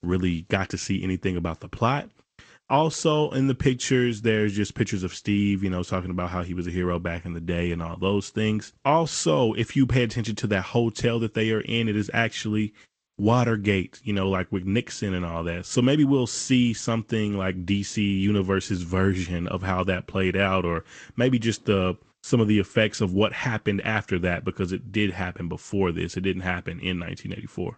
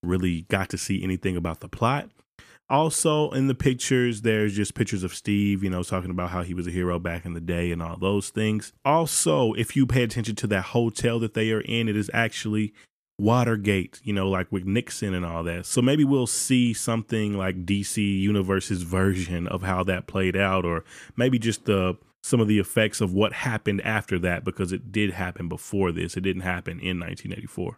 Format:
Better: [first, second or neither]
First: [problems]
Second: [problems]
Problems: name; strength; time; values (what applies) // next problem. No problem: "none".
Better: second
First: garbled, watery; slightly; nothing above 8 kHz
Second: none